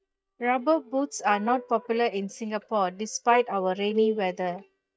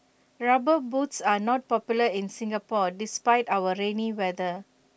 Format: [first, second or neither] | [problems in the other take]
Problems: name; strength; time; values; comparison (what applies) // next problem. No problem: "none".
second | noise reduction (neural mask model DeepFilterNet 3)